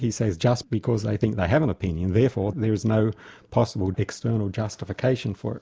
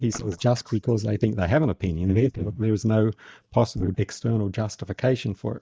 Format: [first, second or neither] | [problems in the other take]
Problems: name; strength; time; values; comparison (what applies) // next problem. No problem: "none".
first | noise reduction (neural mask model DeepFilterNet 3)